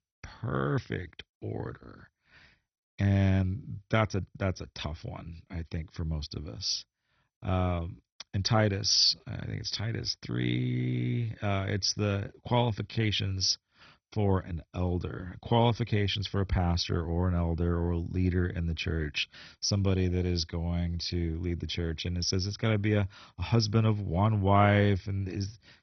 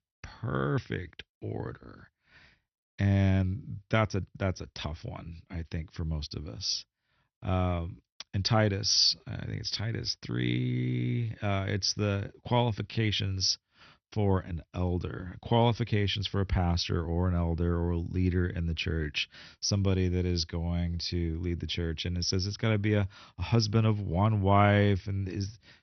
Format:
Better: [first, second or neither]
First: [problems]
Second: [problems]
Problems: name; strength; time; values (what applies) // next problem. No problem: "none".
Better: second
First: garbled, watery; badly; nothing above 6 kHz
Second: garbled, watery; slightly; nothing above 6 kHz